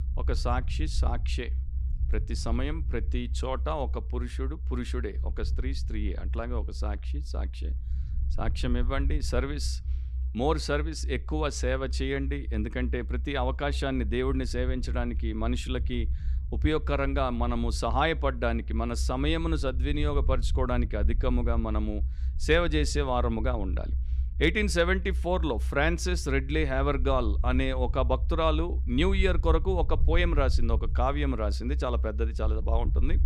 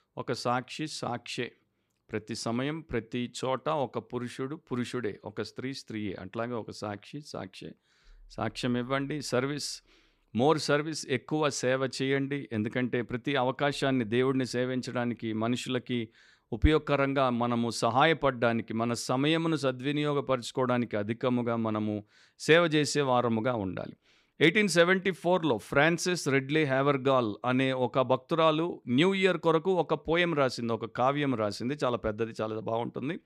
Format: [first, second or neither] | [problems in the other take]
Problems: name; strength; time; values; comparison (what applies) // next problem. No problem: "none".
second | low rumble; faint; throughout; 20 dB below the speech